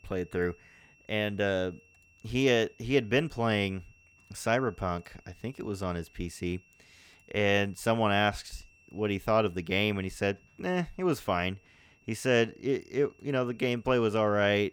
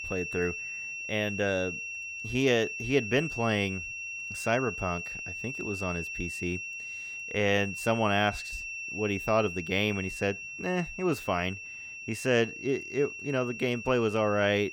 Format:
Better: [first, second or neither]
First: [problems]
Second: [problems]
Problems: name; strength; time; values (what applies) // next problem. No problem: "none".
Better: first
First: high-pitched whine; faint; throughout; 2.5 kHz, 30 dB below the speech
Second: high-pitched whine; loud; throughout; 2.5 kHz, 7 dB below the speech